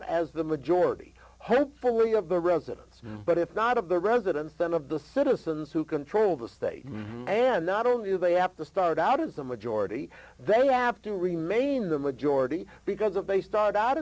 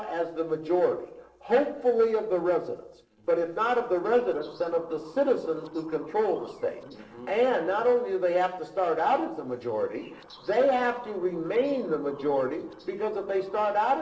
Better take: first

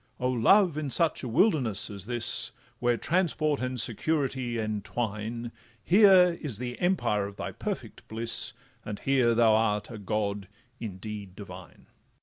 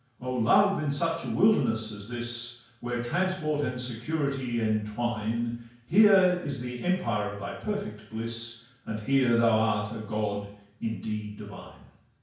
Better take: first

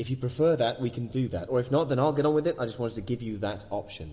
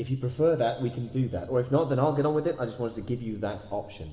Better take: first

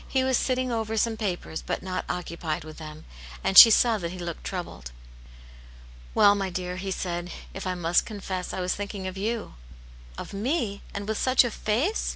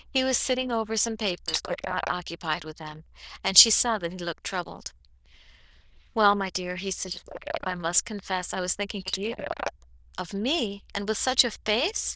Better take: first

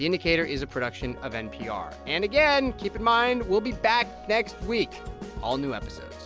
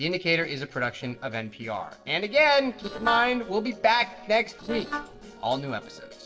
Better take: first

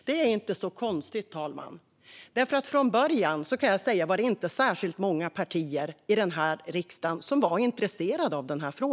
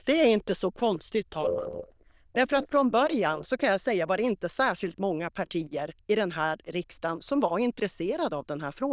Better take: first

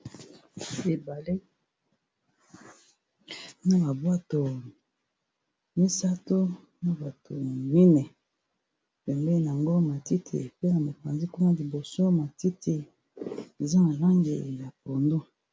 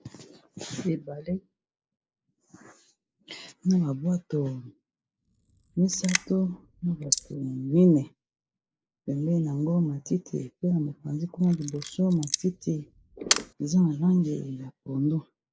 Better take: first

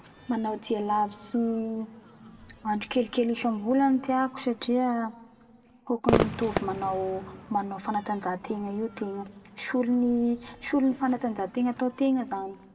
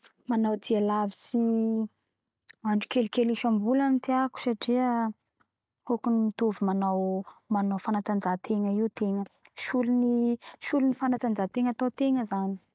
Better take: second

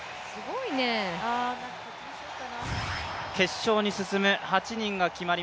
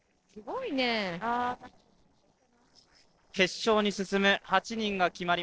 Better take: first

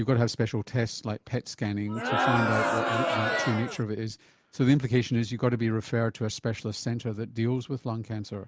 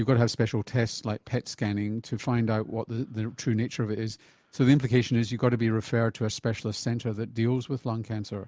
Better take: second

